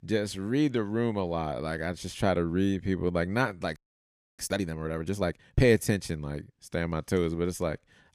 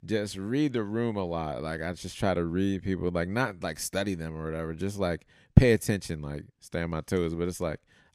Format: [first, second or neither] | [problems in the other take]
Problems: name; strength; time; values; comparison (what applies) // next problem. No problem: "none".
second | audio freezing; at 4 s for 0.5 s